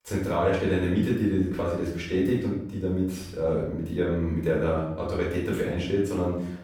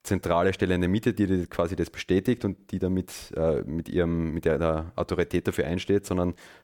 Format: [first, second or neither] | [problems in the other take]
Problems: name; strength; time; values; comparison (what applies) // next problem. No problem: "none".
second | off-mic speech; far // room echo; noticeable; dies away in 0.7 s